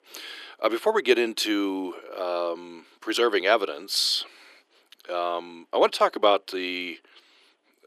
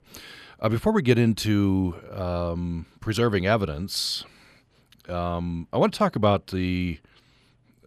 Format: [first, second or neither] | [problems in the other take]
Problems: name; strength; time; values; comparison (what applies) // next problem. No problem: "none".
second | thin; very; fading below 300 Hz